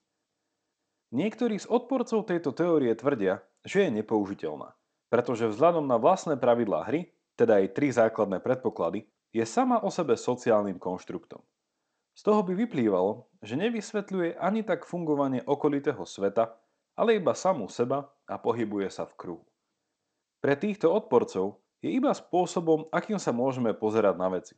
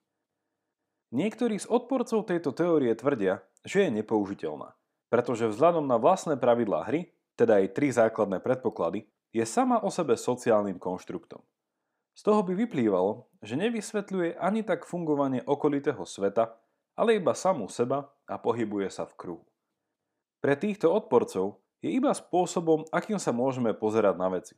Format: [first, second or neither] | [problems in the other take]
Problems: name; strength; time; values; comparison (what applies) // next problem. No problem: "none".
second | garbled, watery; slightly; nothing above 8 kHz